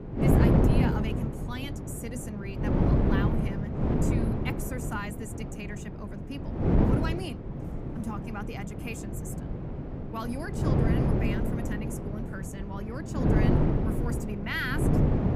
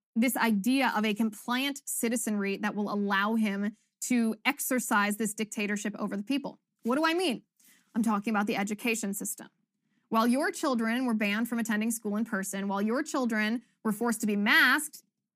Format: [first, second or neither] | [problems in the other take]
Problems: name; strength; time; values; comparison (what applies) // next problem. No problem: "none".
second | wind noise on the microphone; heavy; 3 dB above the speech